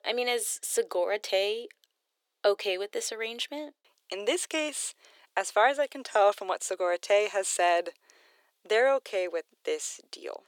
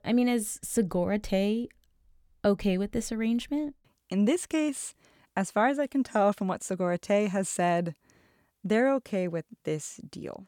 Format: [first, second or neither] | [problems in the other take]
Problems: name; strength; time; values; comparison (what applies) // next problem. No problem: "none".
second | thin; very; fading below 400 Hz